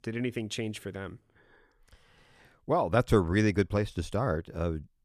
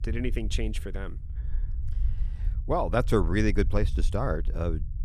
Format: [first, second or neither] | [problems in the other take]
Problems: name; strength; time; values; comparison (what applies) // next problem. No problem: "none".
first | low rumble; faint; throughout; 20 dB below the speech